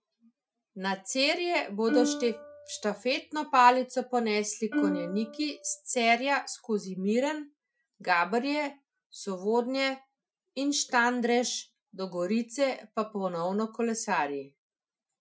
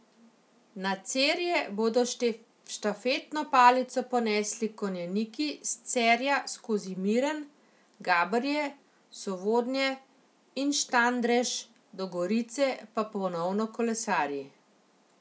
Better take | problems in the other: second | noise reduction (classical method Wiener filter)

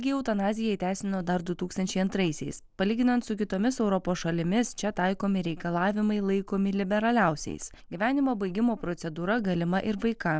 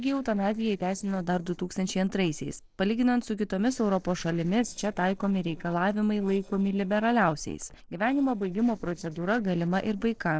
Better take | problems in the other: first | noise reduction (neural separator model SepFormer DNS4)

